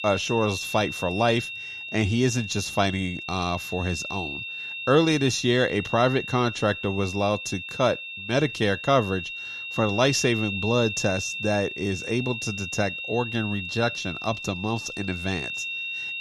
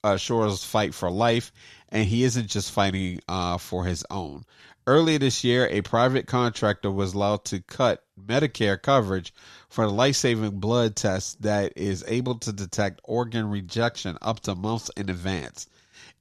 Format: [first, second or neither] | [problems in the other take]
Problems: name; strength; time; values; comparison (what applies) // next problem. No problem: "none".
second | high-pitched whine; loud; throughout; 2.5 kHz, 6 dB below the speech